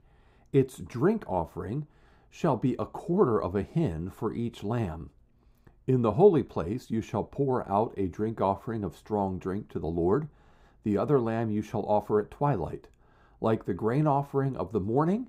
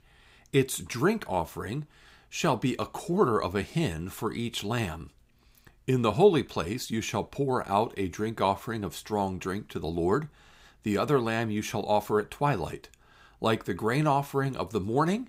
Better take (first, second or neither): second